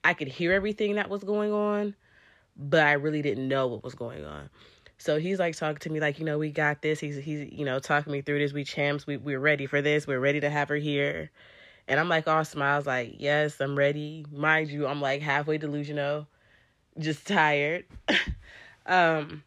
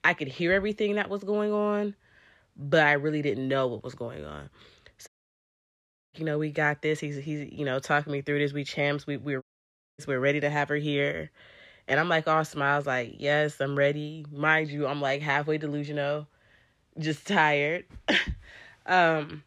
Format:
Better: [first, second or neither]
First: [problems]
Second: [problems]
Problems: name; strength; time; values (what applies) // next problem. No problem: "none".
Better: first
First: none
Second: audio cutting out; at 5 s for 1 s and at 9.5 s for 0.5 s